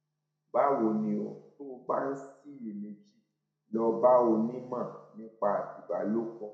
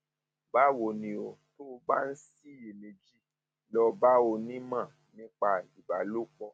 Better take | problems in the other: second | room echo; dies away in 0.6 s

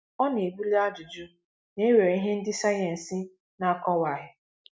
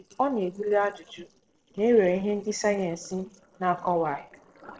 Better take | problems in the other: first | noise reduction (neural separator model SepFormer DNS4)

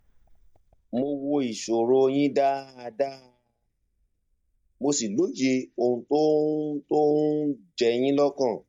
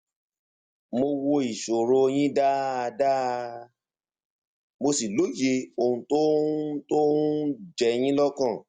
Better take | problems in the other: second | noise reduction (neural mask model DeepFilterNet 3)

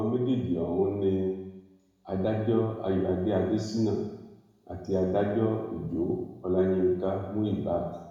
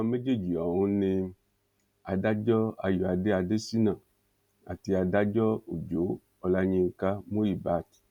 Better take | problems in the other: second | room echo; dies away in 1 s

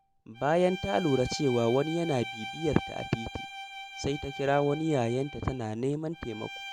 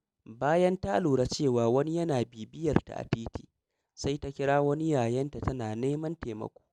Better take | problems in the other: second | background sound (Bowed string instrument); 13 dB below the speech

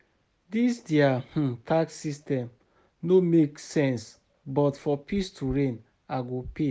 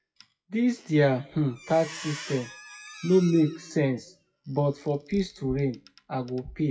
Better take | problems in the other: first | noise reduction (classical method WPE with log-MMSE)

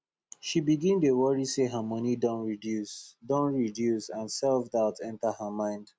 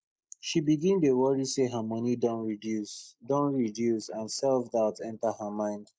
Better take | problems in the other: first | noise reduction (neural mask model Resemble Enhance denoiser)

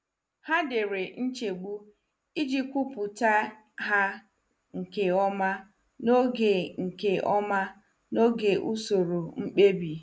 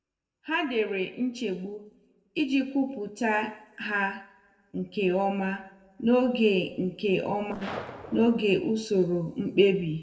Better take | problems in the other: first | noise reduction (neural separator model SepFormer DNS4)

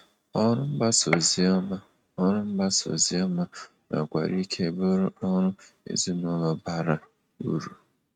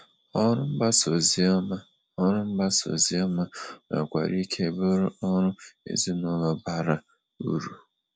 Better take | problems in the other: second | noise reduction (neural mask model RNNoise)

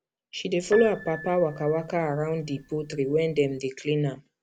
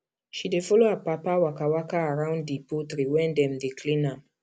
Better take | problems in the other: second | background sound (Piano); 15 dB below the speech

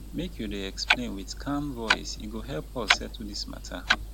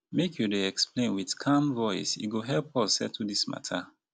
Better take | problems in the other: second | background sound (Clock); 4 dB above the speech

